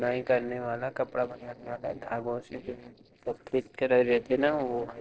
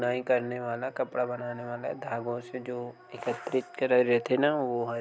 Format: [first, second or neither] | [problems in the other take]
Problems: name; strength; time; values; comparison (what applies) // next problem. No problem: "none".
second | noise reduction (neural separator model SepFormer DNS4)